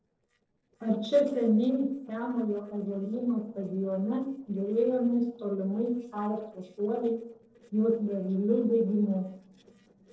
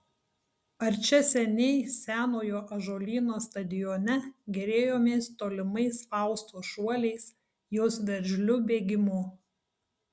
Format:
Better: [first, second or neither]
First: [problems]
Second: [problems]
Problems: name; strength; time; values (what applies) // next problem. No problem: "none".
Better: second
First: noise reduction (neural separator model SepFormer DNS4)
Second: none